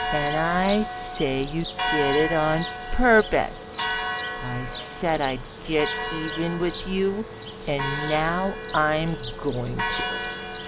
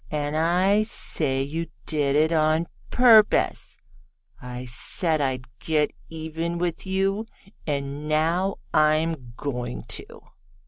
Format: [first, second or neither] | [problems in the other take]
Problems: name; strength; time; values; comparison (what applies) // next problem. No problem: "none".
second | background sound (Church bell); 5 dB below the speech